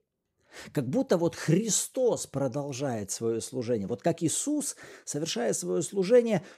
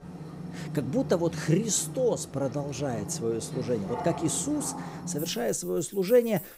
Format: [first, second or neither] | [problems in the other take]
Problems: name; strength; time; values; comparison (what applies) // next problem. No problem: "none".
first | household noises; noticeable; throughout; 10 dB below the speech